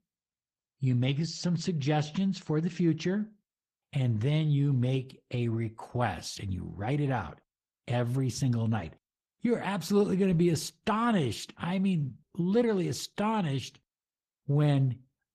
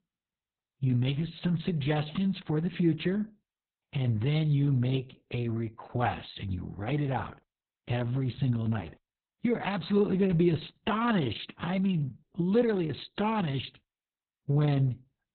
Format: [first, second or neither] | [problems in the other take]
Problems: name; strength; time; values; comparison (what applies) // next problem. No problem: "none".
first | garbled, watery; badly; nothing above 4 kHz; slightly in the first